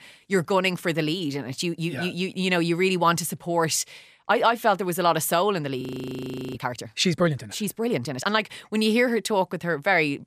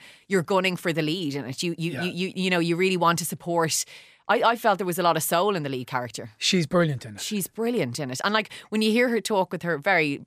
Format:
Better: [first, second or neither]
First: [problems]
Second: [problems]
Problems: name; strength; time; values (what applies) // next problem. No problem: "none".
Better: second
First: audio freezing; at 6 s for 0.5 s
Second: none